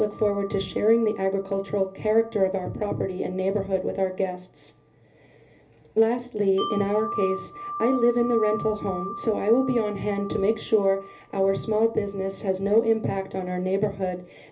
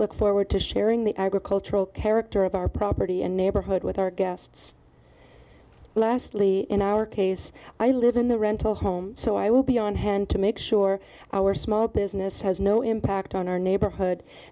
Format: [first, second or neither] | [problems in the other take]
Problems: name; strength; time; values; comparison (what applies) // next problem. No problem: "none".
second | background sound (Wind chime); 15 dB below the speech // room echo; dies away in 0.3 s